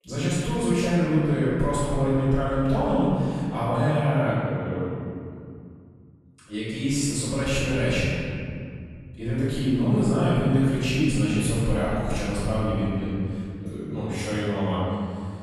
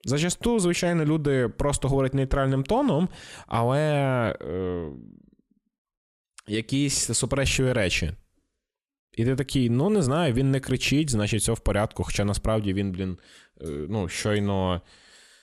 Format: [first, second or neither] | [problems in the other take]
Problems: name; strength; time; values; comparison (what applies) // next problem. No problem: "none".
second | off-mic speech; far // room echo; strong; dies away in 2.4 s